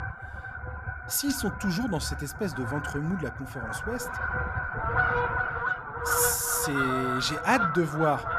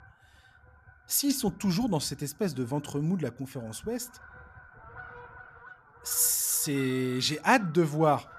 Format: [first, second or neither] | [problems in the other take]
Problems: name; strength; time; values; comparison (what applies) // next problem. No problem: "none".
second | animal sounds; loud; throughout; 2 dB below the speech; faint in the second